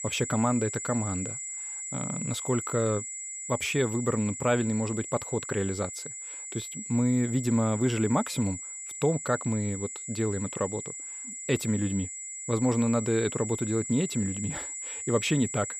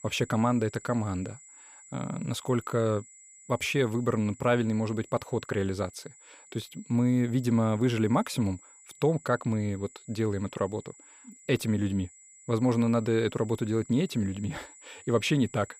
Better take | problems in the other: second | high-pitched whine; loud; throughout; 7.5 kHz, 6 dB below the speech; faint in the second

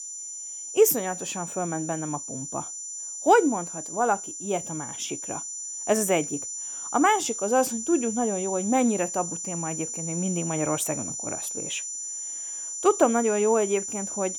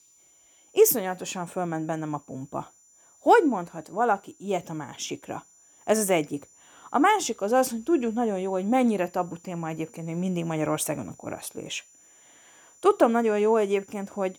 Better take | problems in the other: second | high-pitched whine; loud; throughout; 7 kHz, 6 dB below the speech; faint in the second

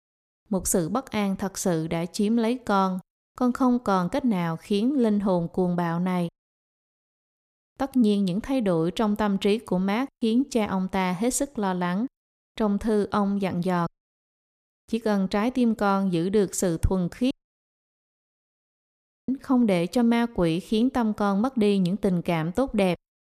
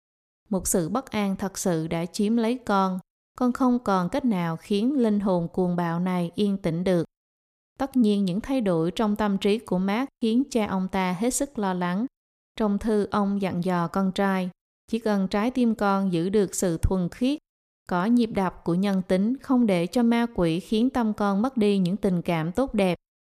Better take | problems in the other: second | audio cutting out; at 6.5 s for 1 s, at 14 s for 1 s and at 17 s for 2 s

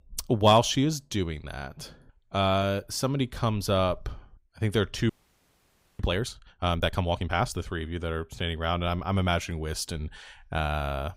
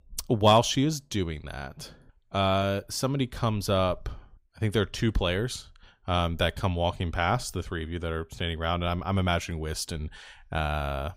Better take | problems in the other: second | audio freezing; at 5 s for 1 s

